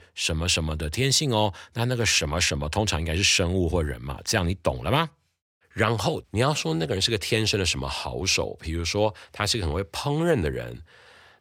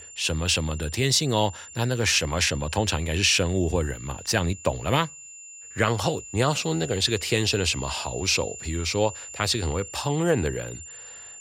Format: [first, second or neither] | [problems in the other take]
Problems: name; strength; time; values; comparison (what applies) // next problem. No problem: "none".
first | high-pitched whine; noticeable; throughout; 7 kHz, 15 dB below the speech